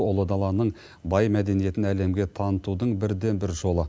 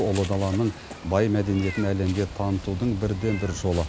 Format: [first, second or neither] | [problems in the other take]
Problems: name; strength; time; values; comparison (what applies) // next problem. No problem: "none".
first | background sound (Meow); 13 dB below the speech